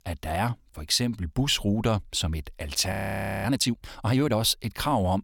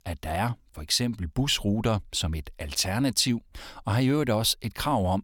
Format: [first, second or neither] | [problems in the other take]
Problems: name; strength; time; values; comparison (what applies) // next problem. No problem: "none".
second | audio freezing; at 3 s for 0.5 s